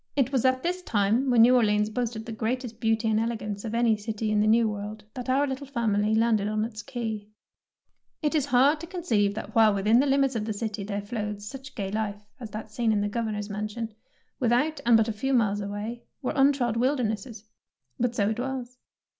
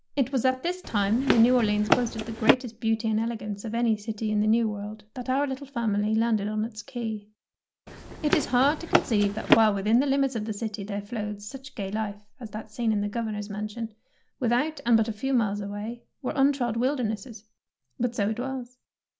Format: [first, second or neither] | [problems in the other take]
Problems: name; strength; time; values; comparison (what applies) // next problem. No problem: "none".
first | background sound (Run); 1 dB below the speech